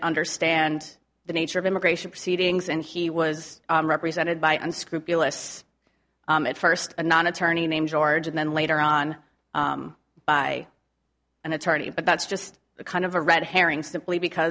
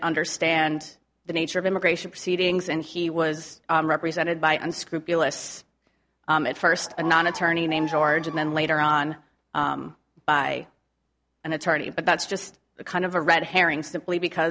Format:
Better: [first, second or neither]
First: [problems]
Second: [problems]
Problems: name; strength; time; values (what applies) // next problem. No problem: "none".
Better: first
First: none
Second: background sound (Bird vocalization, bird call, bird song); 13 dB below the speech